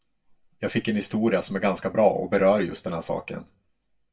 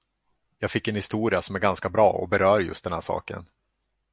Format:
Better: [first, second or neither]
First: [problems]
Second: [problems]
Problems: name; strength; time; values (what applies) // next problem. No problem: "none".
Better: second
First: room echo; dies away in 0.2 s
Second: none